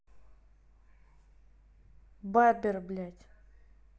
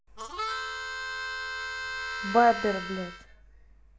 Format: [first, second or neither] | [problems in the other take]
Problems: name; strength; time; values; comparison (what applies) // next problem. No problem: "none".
first | background sound (Harmonica); 4 dB below the speech